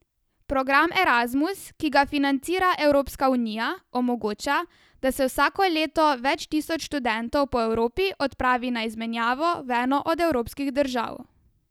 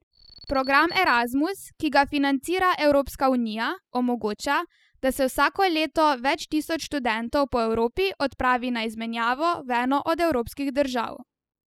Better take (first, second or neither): first